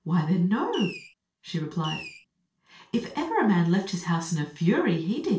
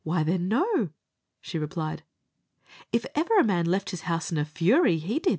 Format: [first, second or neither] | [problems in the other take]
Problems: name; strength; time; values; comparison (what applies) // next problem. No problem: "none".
second | background sound (Fireworks); 12 dB below the speech // room echo; dies away in 0.3 s